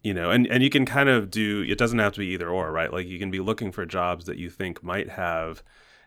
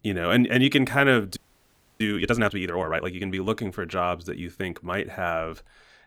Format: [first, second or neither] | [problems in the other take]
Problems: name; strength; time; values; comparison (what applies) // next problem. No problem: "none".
first | audio freezing; at 1.5 s for 0.5 s